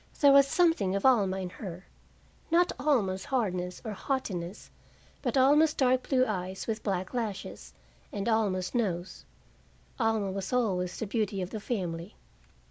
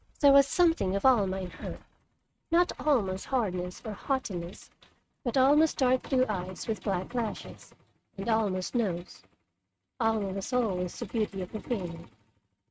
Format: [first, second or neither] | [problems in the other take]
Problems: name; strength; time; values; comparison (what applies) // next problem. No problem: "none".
first | noise reduction (neural mask model RNNoise)